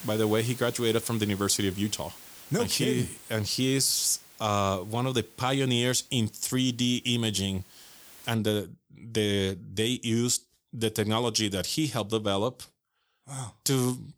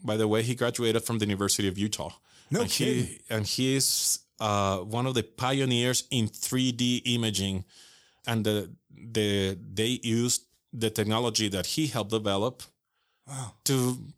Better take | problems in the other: second | hiss; noticeable; until 8.5 s; 20 dB below the speech

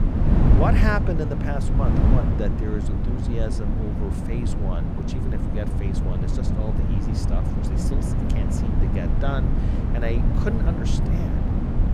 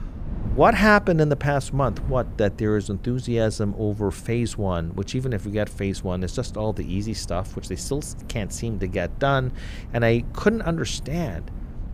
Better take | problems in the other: second | wind noise on the microphone; heavy; as loud as the speech; occasional gusts in the second

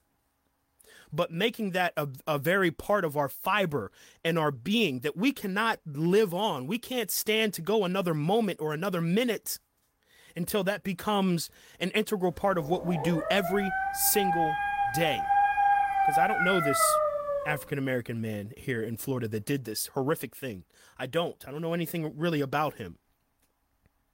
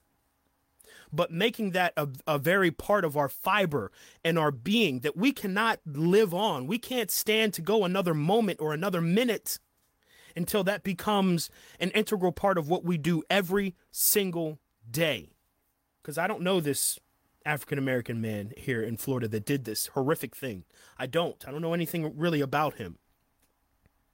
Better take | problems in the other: second | dog barking; loud; from 13 to 18 s; peak 6 dB above the speech

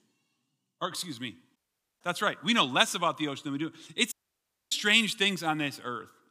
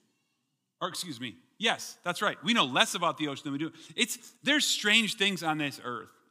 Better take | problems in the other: second | audio cutting out; at 1.5 s and at 4 s for 0.5 s

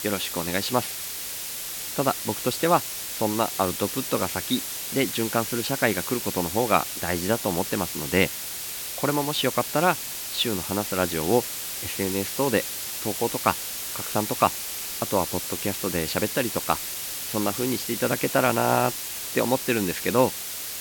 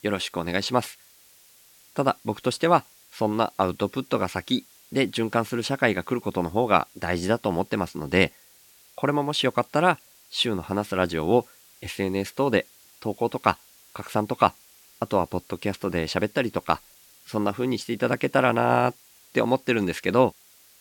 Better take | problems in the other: second | hiss; loud; throughout; 4 dB below the speech; faint in the second

